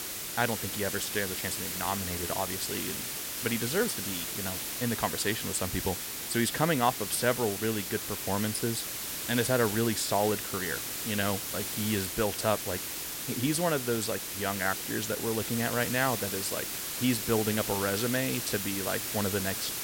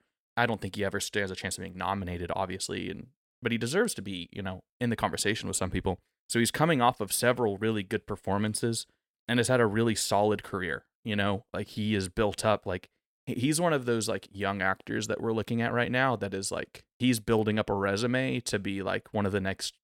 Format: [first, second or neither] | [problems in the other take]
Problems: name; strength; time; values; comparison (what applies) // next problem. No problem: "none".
second | hiss; loud; throughout; 2 dB below the speech